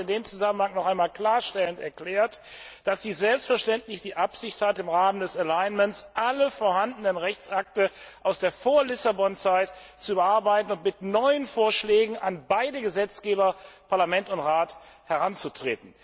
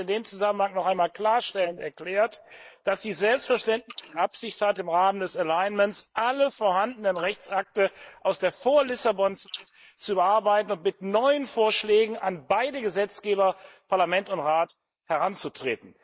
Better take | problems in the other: first | noise reduction (neural mask model Resemble Enhance denoiser)

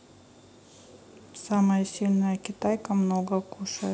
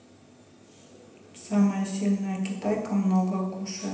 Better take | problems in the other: first | room echo; dies away in 0.9 s

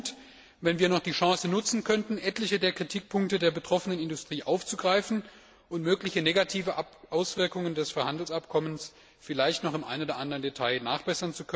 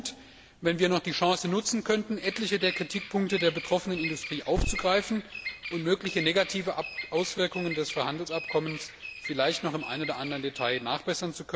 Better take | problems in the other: first | background sound (Thump, thud + Bird vocalization, bird call, bird song); 10 dB below the speech

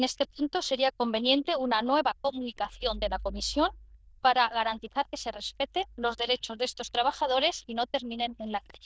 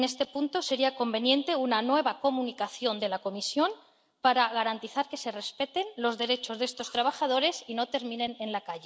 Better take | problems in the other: second | noise reduction (neural diffusion model UNIVERSE++)

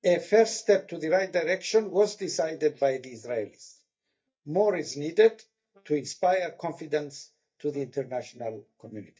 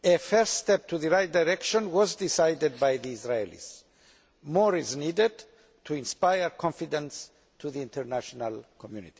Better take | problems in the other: second | noise reduction (neural mask model DeepFilterNet 3)

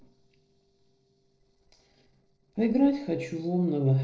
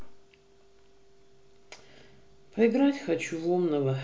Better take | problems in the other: second | noise reduction (neural separator model SepFormer DNS4)

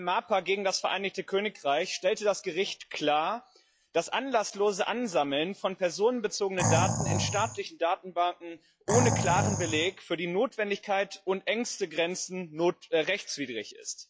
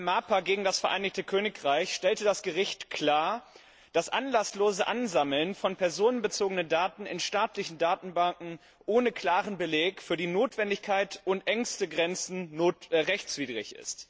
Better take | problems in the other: second | noise reduction (classical method log-MMSE)

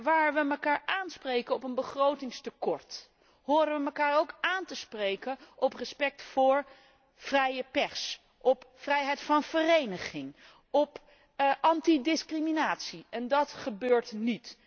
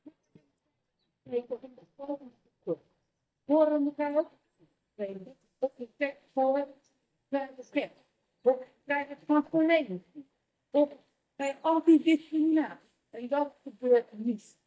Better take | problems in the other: first | noise reduction (neural mask model DeepFilterNet 3)

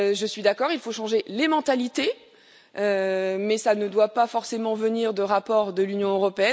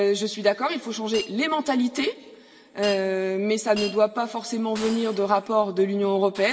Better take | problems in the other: first | background sound (Shatter); 18 dB below the speech // room echo; dies away in 2.7 s

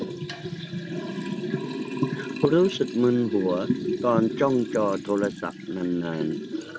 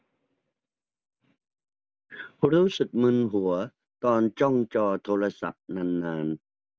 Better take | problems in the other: second | background sound (Liquid); 5 dB below the speech

